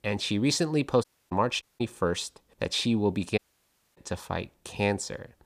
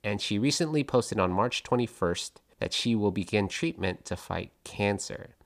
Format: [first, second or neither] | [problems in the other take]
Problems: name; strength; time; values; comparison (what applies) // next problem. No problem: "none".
second | audio cutting out; at 1 s, at 1.5 s and at 3.5 s for 0.5 s